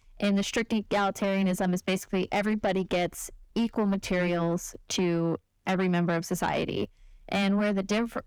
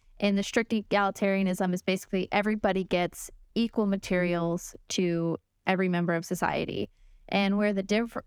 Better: second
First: distortion; slight; 10 dB below the speech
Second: none

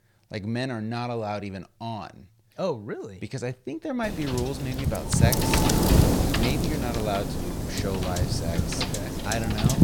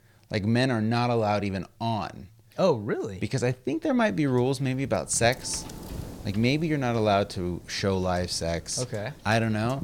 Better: second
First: wind noise on the microphone; heavy; from 4 s on; 3 dB above the speech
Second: wind noise on the microphone; occasional gusts; from 4 s on; 20 dB below the speech

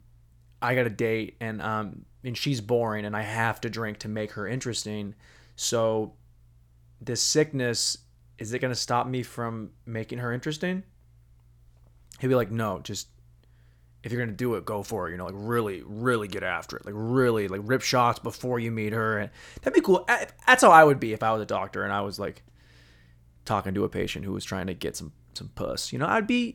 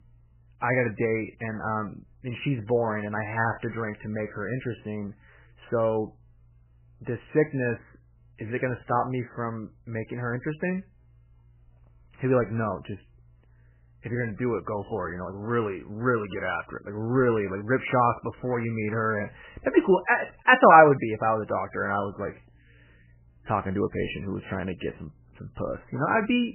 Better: first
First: none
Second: garbled, watery; badly; nothing above 3 kHz

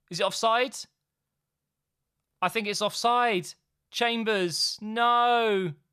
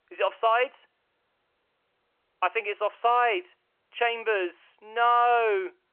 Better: first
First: none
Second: phone-call audio; nothing above 3 kHz

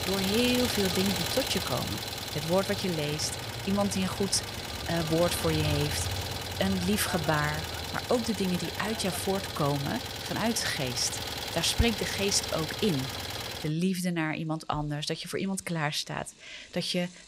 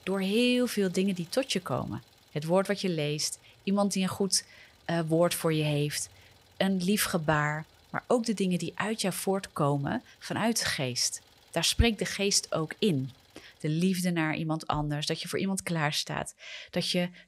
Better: second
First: traffic noise; loud; throughout; 3 dB below the speech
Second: traffic noise; faint; throughout; 30 dB below the speech

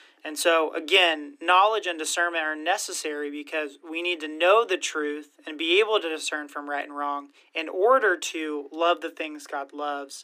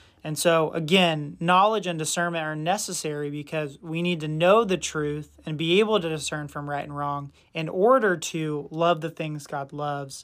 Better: second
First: thin; somewhat; fading below 300 Hz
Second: none

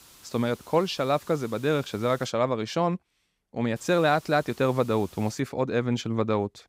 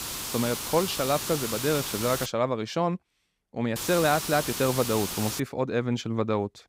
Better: first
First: hiss; faint; until 2.5 s and from 4 to 5.5 s; 25 dB below the speech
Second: hiss; loud; until 2.5 s and from 4 to 5.5 s; 4 dB below the speech

